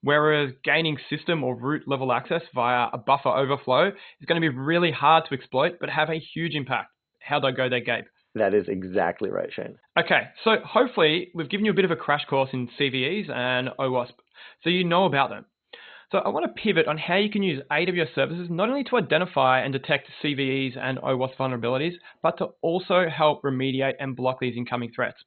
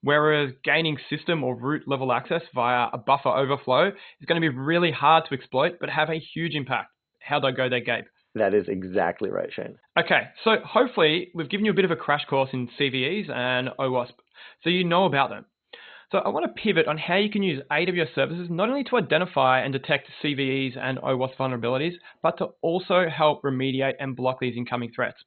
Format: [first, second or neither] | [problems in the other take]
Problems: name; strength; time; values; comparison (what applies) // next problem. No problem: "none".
neither | garbled, watery; badly; nothing above 4 kHz; the same in both